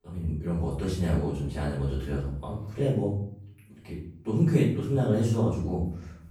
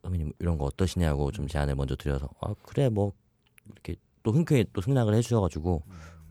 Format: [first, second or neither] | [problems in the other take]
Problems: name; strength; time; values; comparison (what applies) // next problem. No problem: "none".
second | room echo; noticeable; dies away in 0.6 s // off-mic speech; far